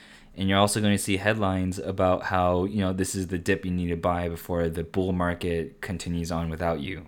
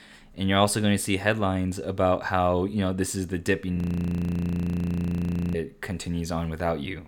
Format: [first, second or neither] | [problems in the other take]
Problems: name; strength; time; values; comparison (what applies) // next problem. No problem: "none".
first | audio freezing; at 4 s for 2 s